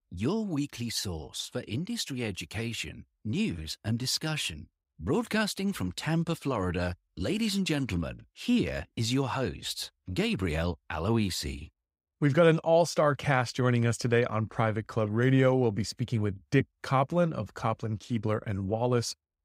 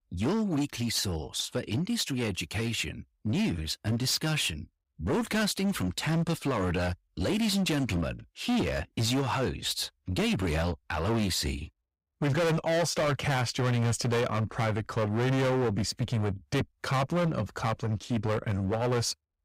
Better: first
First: none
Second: distortion; heavy; 18% of the sound clipped

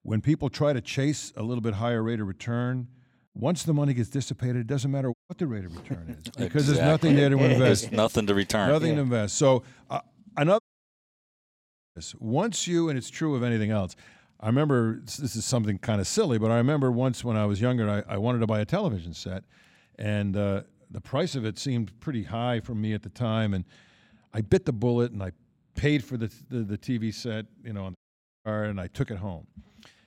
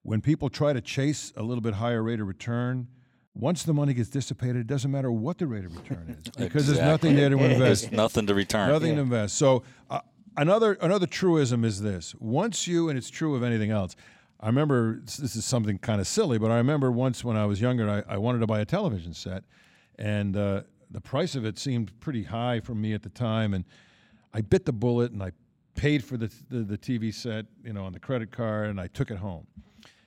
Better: second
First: audio cutting out; at 5 s, at 11 s for 1.5 s and at 28 s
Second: none

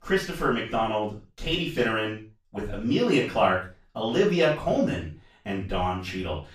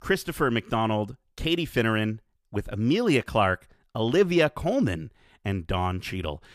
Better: second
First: room echo; noticeable; dies away in 0.3 s // off-mic speech; far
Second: none

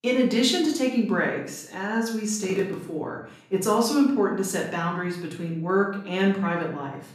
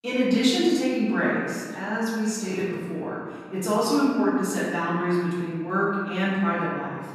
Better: first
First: room echo; slight; dies away in 0.5 s // off-mic speech; far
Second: room echo; strong; dies away in 1.6 s // off-mic speech; far

